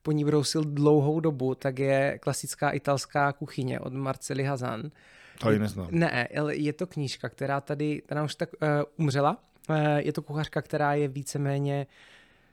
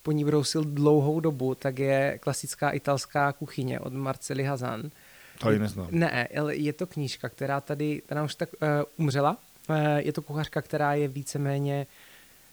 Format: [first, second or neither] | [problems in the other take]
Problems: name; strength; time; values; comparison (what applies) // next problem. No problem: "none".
first | hiss; faint; throughout; 25 dB below the speech